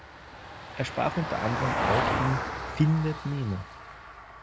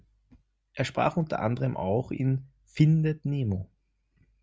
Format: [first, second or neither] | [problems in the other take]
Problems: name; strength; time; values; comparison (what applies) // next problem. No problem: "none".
second | background sound (Vehicle); 3 dB below the speech